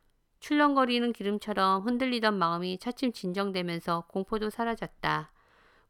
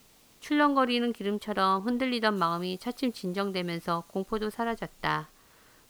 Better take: first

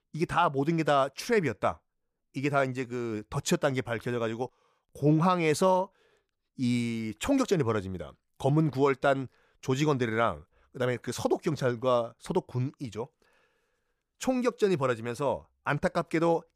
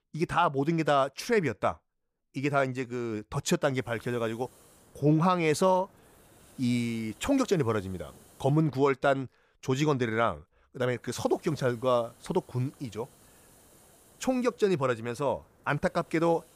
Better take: first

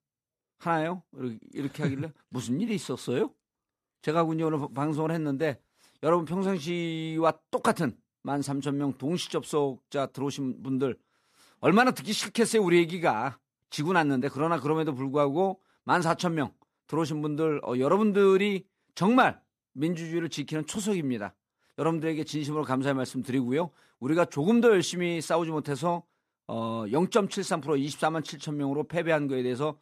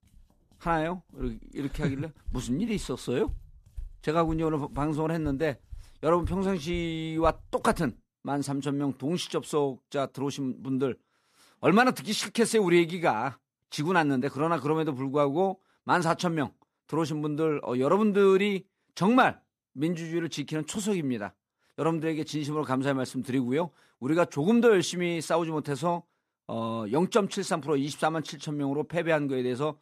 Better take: first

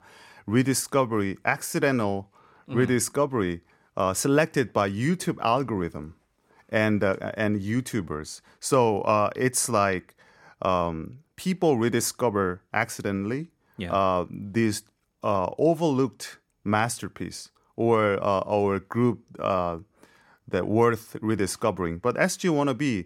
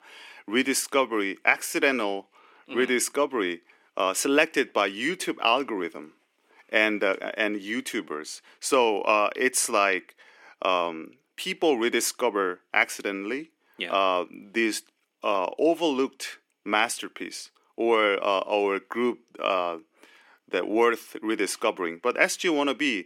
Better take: first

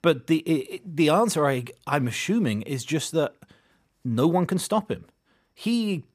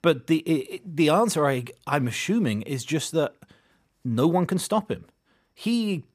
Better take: neither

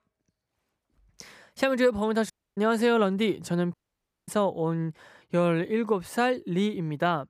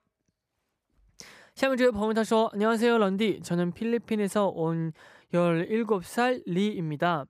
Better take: second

